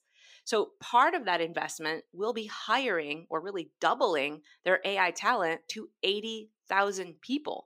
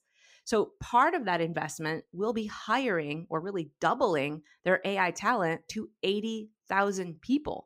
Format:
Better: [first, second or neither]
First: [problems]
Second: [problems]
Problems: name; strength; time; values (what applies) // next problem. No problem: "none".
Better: second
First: thin; very slightly; fading below 350 Hz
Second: none